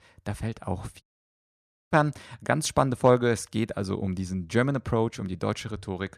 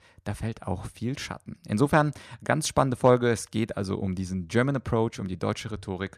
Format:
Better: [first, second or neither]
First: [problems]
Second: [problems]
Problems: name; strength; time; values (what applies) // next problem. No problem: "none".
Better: second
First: audio cutting out; at 1 s for 1 s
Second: none